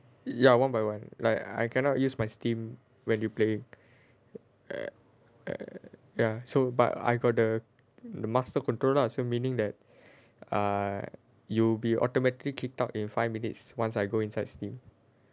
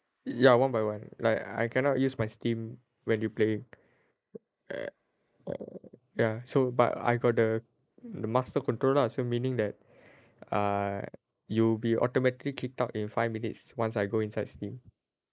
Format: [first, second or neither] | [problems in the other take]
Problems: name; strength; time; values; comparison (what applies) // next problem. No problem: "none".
first | noise reduction (neural mask model Resemble Enhance denoiser)